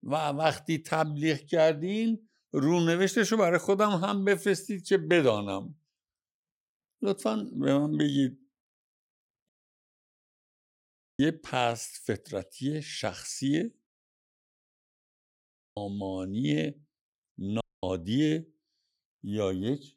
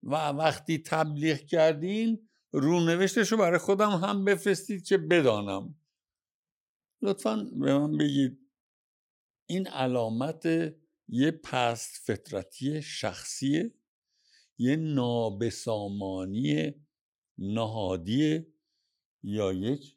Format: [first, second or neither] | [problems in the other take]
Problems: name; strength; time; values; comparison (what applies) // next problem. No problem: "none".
second | audio cutting out; at 9.5 s for 1.5 s, at 14 s for 2 s and at 18 s